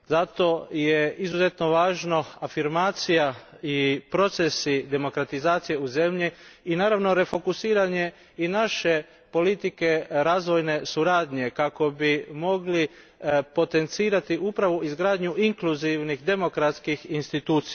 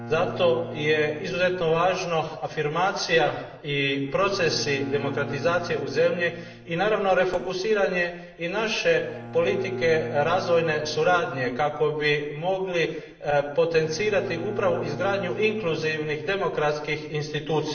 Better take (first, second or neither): first